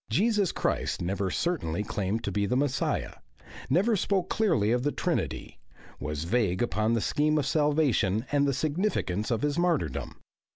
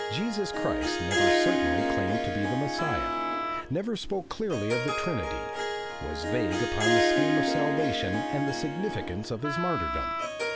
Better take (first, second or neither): first